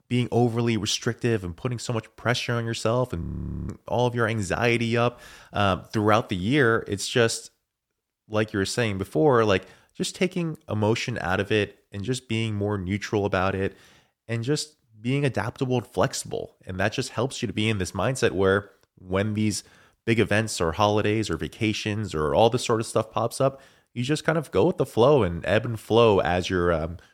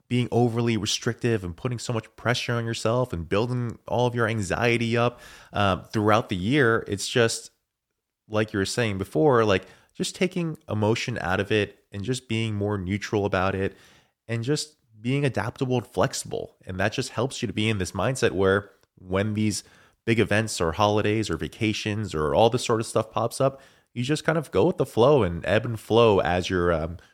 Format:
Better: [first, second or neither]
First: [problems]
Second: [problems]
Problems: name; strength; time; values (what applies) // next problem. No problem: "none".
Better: second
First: audio freezing; at 3 s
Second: none